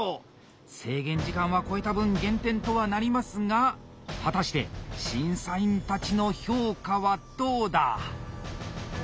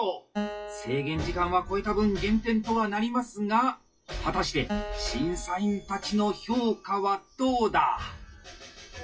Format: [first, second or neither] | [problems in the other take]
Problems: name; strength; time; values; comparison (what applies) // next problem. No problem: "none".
first | noise reduction (classical method WPE with log-MMSE)